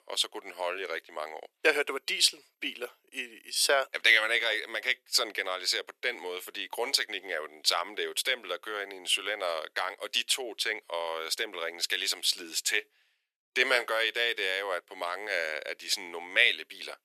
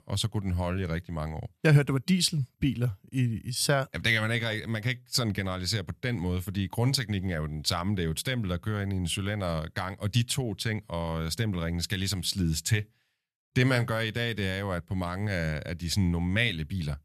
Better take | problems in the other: second | thin; very; fading below 400 Hz

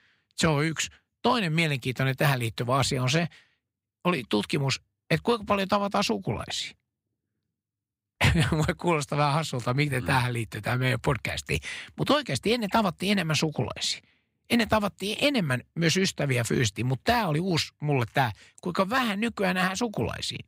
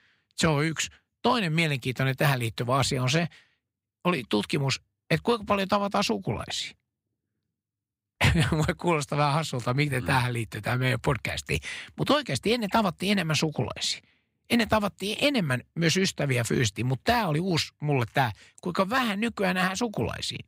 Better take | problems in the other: neither | none

